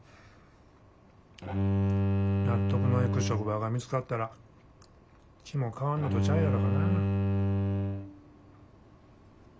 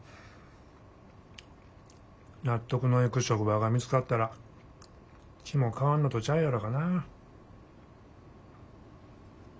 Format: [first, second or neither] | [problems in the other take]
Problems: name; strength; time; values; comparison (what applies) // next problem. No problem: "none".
second | background sound (Bowed string instrument); 4 dB above the speech